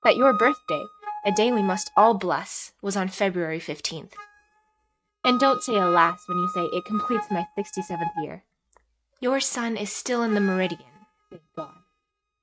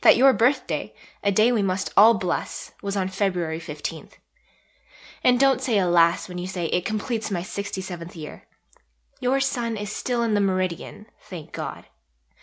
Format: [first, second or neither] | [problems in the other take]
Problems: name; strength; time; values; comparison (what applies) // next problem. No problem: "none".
second | noise reduction (neural mask model RNNoise)